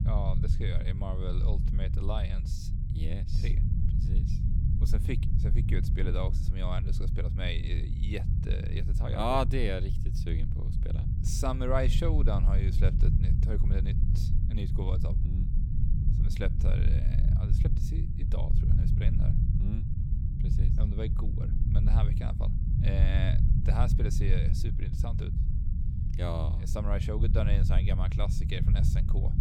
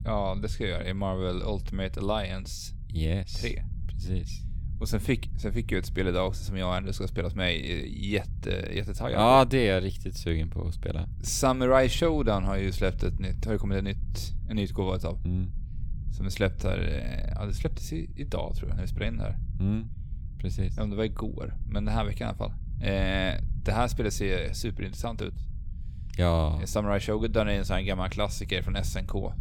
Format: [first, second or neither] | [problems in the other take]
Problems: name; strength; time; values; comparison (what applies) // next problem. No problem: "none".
second | low rumble; loud; throughout; 6 dB below the speech; faint in the second